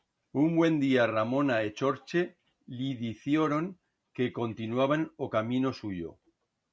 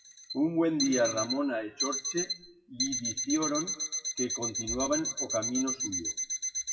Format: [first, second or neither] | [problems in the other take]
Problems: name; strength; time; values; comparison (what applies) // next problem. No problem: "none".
first | noise reduction (classical method WPE with log-MMSE)